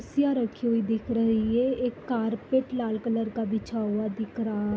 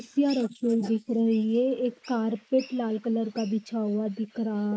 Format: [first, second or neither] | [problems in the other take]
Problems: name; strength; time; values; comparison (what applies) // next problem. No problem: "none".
first | noise reduction (neural mask model Resemble Enhance denoiser)